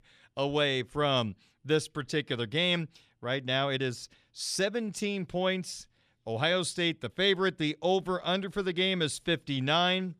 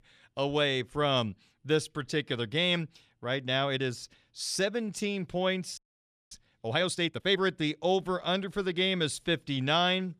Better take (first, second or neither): first